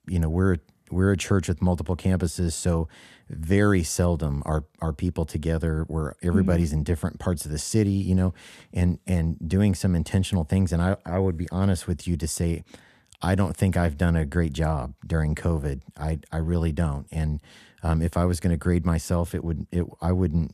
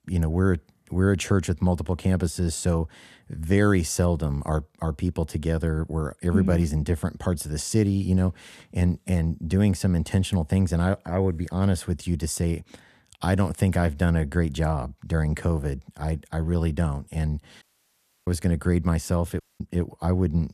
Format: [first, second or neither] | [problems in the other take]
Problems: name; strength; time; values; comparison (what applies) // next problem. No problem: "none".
first | audio cutting out; at 18 s for 0.5 s and at 19 s